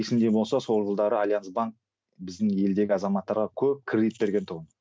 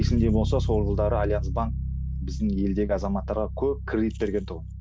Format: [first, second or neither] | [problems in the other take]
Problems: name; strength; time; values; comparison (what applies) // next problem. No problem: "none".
first | background sound (Bass guitar); 1 dB below the speech